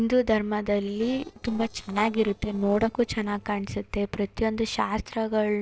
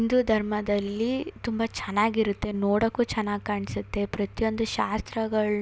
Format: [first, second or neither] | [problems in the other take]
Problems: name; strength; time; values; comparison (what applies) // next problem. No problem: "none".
second | noise reduction (neural separator model SepFormer DNS4)